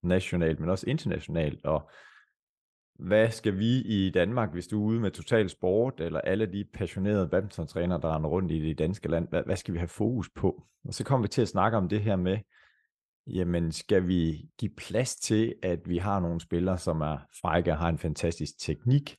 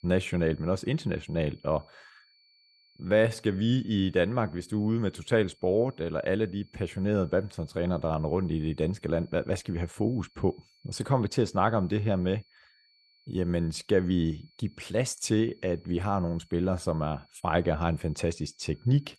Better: first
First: none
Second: high-pitched whine; faint; throughout; 4.5 kHz, 35 dB below the speech

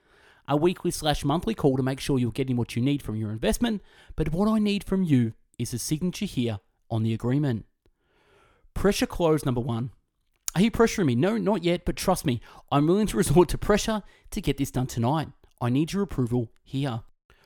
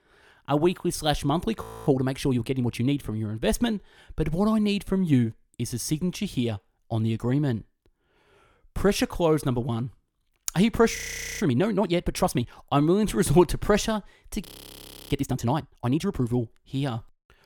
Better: first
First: none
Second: audio freezing; at 1.5 s, at 11 s and at 14 s for 0.5 s

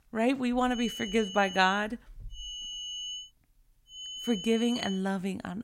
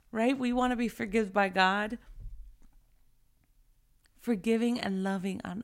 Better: second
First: high-pitched whine; loud; from 0.5 to 2 s, at 2.5 s and at 4 s; 3 kHz, 10 dB below the speech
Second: none

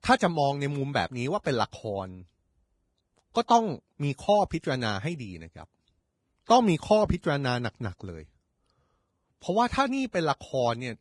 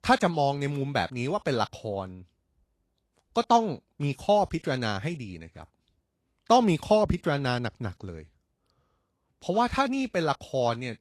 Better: second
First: garbled, watery; badly; nothing above 10.5 kHz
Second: garbled, watery; slightly; nothing above 12.5 kHz

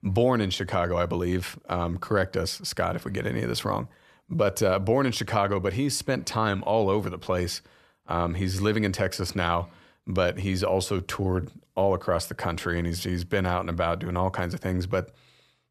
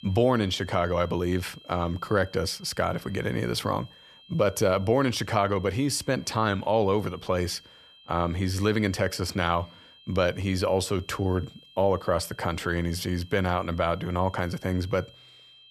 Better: first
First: none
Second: high-pitched whine; faint; throughout; 3 kHz, 25 dB below the speech

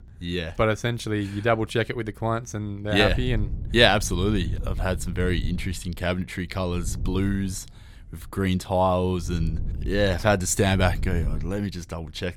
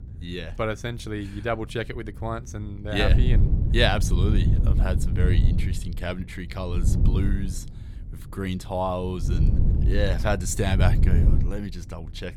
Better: first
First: wind noise on the microphone; occasional gusts; 20 dB below the speech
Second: wind noise on the microphone; heavy; 8 dB below the speech

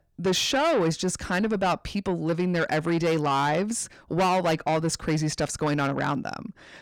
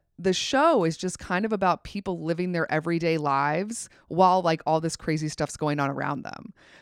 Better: second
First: distortion; heavy; 7 dB below the speech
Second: none

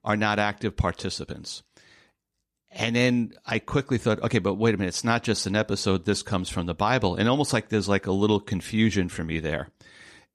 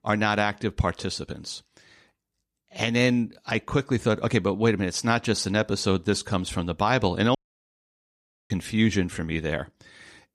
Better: first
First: none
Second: audio cutting out; at 7.5 s for 1 s

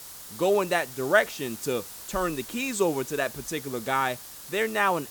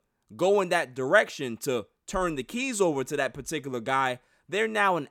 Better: second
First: hiss; noticeable; throughout; 10 dB below the speech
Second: none

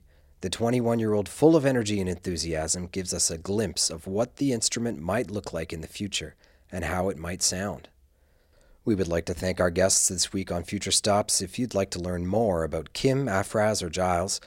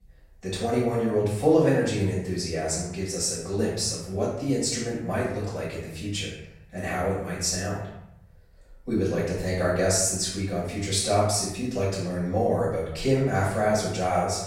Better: first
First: none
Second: off-mic speech; far // room echo; noticeable; dies away in 0.8 s

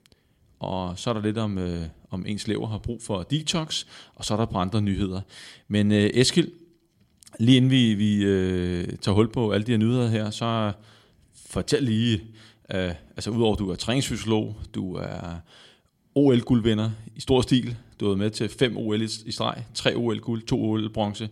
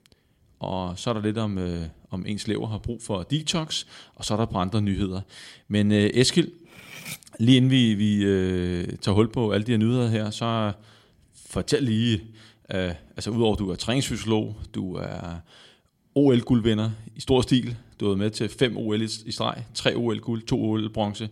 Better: first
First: none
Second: clattering dishes; faint; at 6.5 s; peak 10 dB below the speech

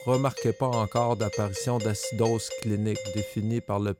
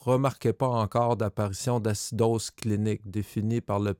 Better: second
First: doorbell; noticeable; peak 7 dB below the speech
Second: none

